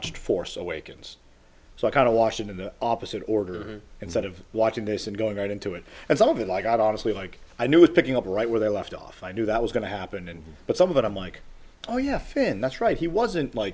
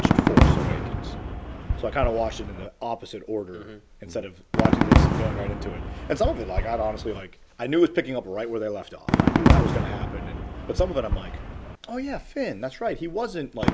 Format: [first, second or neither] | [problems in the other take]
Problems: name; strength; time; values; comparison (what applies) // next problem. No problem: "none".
first | background sound (Fireworks); 5 dB above the speech